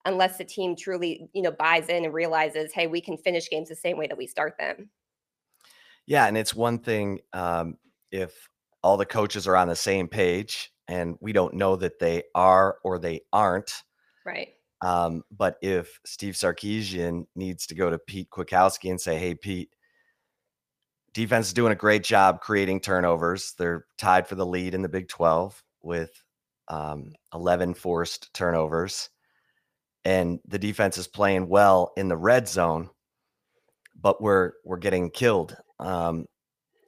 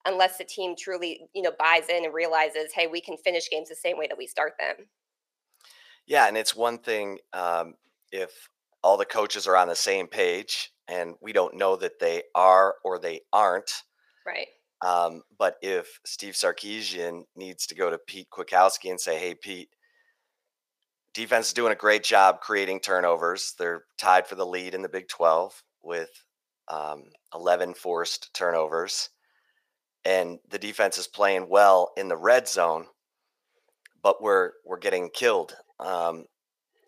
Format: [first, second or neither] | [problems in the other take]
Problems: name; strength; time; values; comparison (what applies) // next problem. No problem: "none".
first | thin; somewhat; fading below 500 Hz